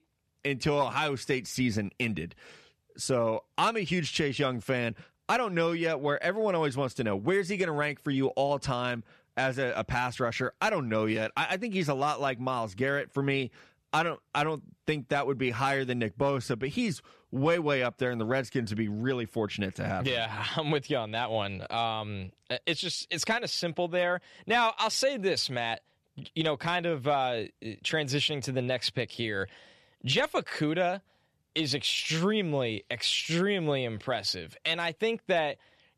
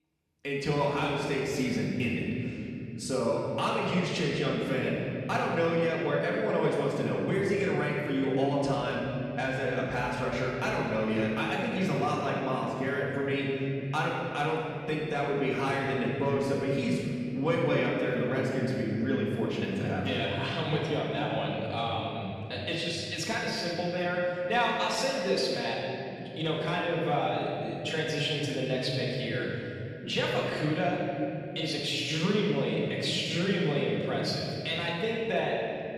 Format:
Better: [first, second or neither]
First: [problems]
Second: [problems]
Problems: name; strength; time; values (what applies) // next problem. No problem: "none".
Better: first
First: none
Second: off-mic speech; far // room echo; strong; dies away in 3 s